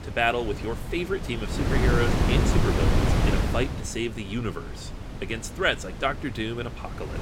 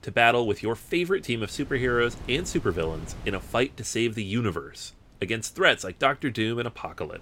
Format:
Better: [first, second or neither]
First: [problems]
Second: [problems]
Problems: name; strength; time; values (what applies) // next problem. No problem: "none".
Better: second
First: wind noise on the microphone; heavy; 3 dB below the speech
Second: wind noise on the microphone; occasional gusts; 25 dB below the speech